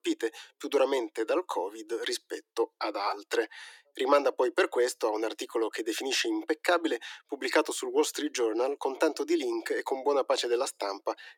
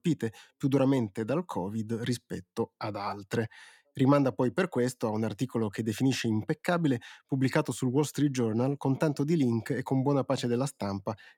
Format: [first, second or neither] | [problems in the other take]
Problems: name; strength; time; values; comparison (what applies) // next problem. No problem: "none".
second | thin; very; fading below 300 Hz